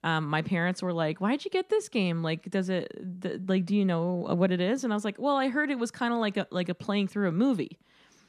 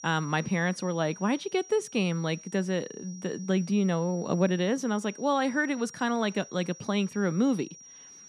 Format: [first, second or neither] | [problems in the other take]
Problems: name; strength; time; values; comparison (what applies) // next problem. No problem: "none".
first | high-pitched whine; noticeable; throughout; 5.5 kHz, 20 dB below the speech